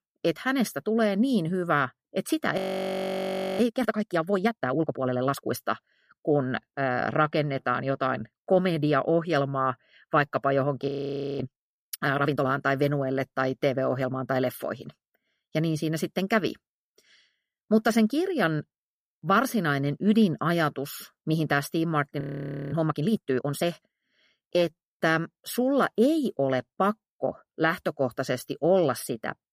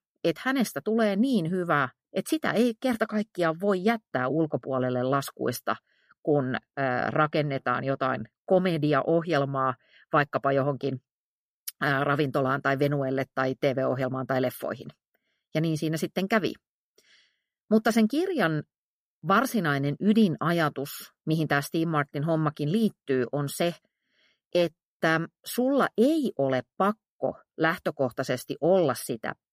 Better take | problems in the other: second | audio freezing; at 2.5 s for 1 s, at 11 s for 0.5 s and at 22 s for 0.5 s

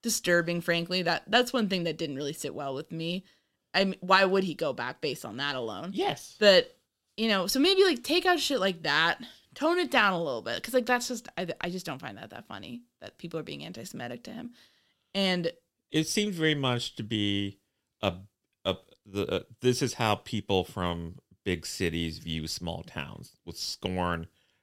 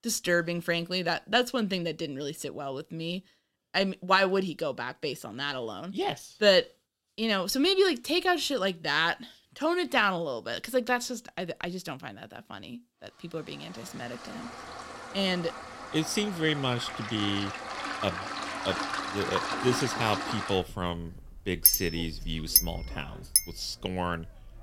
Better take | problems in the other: first | household noises; very loud; from 14 s on; as loud as the speech

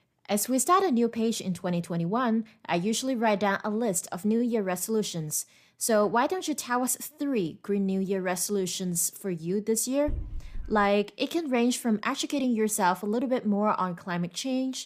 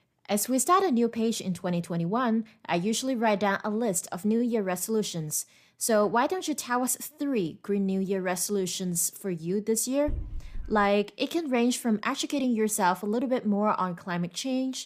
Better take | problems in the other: neither | dog barking; faint; at 10 s; peak 10 dB below the speech; the same in both

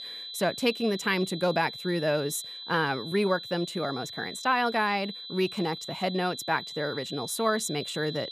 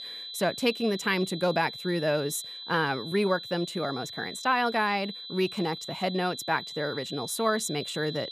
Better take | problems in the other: neither | high-pitched whine; loud; throughout; 4 kHz, 9 dB below the speech; the same in both

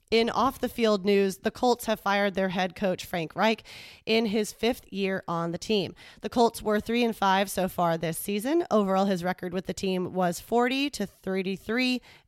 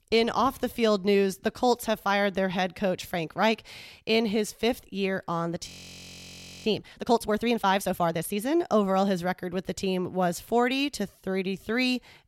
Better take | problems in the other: first | audio freezing; at 5.5 s for 1 s

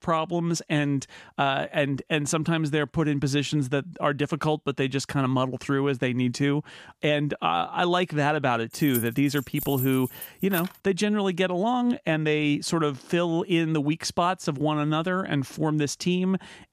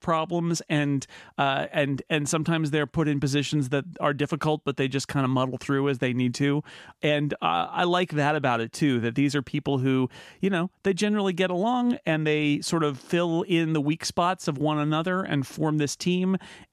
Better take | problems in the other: second | jangling keys; noticeable; from 8.5 to 11 s; peak 7 dB below the speech

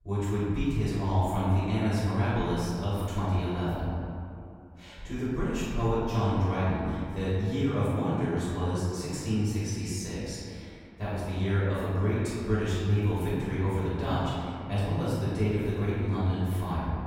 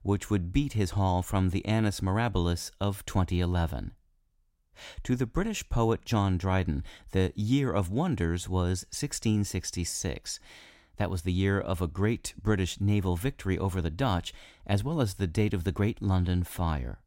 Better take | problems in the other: second | off-mic speech; far // room echo; strong; dies away in 2.3 s

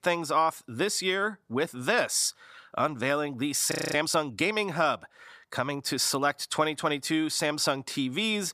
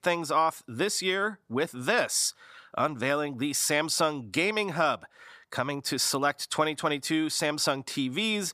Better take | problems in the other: second | audio freezing; at 3.5 s

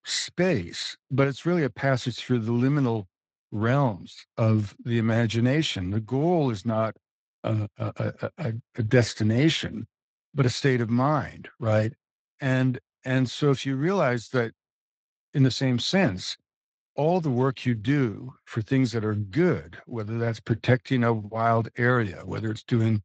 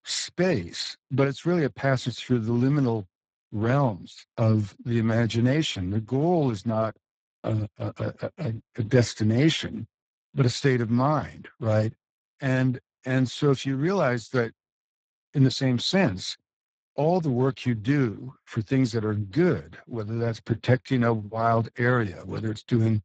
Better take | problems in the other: first | garbled, watery; badly; nothing above 7.5 kHz; slightly in the first

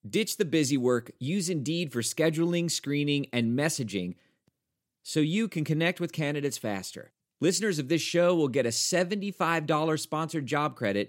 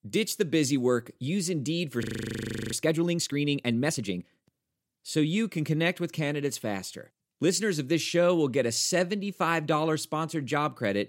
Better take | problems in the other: first | audio freezing; at 2 s for 0.5 s

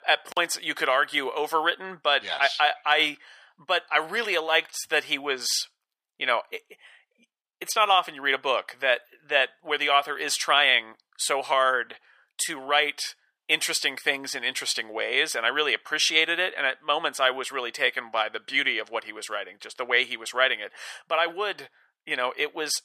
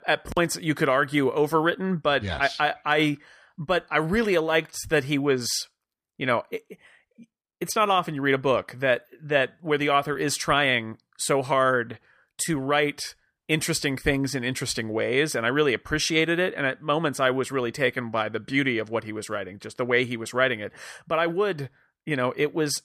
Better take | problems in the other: second | thin; very; fading below 600 Hz

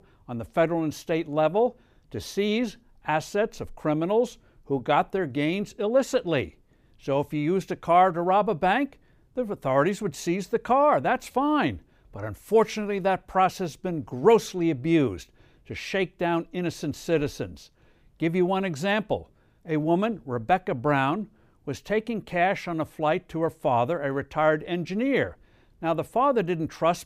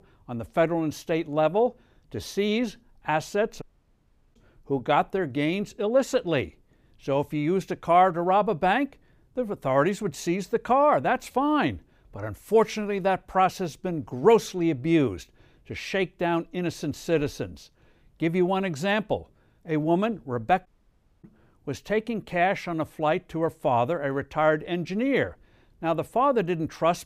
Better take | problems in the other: first | audio cutting out; at 3.5 s for 0.5 s and at 21 s for 0.5 s

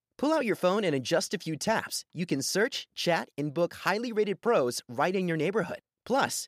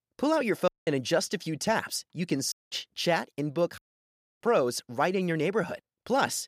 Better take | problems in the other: first | audio cutting out; at 0.5 s, at 2.5 s and at 4 s for 0.5 s

